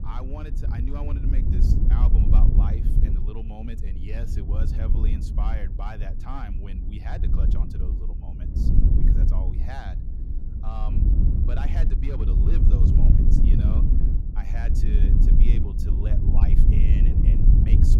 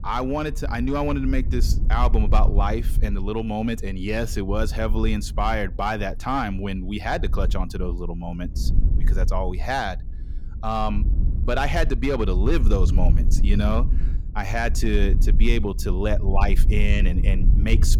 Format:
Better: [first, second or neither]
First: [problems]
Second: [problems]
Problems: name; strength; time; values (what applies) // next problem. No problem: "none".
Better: second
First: wind noise on the microphone; heavy; 3 dB above the speech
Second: wind noise on the microphone; occasional gusts; 15 dB below the speech